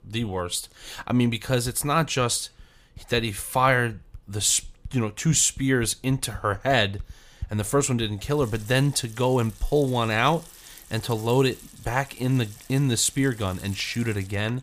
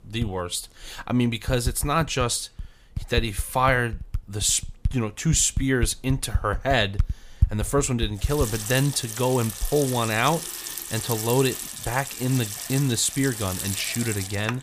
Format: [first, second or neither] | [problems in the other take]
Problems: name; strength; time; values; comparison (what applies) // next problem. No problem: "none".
first | household noises; loud; throughout; 7 dB below the speech; faint in the first